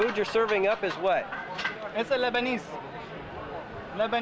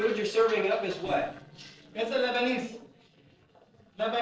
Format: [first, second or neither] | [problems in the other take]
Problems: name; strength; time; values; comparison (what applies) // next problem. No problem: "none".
first | noise reduction (neural separator model SepFormer DNS4)